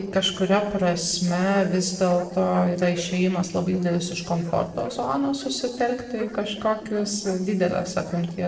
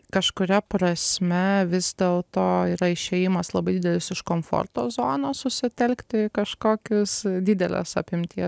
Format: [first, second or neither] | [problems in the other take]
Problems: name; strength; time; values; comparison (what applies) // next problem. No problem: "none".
second | noise reduction (neural separator model SepFormer DNS4)